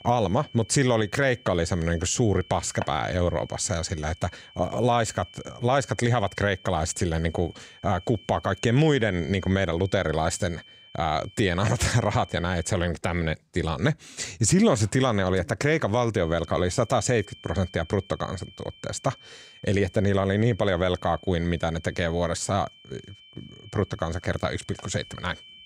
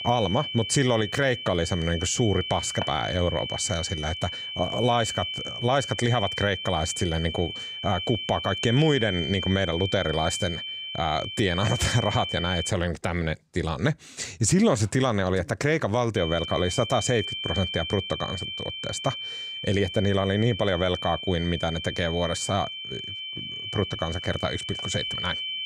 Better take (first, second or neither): first